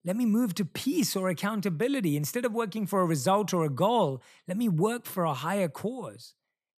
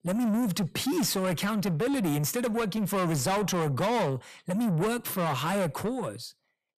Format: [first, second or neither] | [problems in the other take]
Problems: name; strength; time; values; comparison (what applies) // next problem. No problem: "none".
first | distortion; heavy; 7 dB below the speech